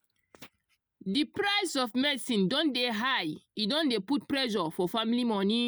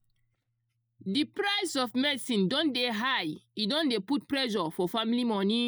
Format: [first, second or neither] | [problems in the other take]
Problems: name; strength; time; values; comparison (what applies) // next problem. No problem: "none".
first | noise reduction (neural mask model DeepFilterNet 3)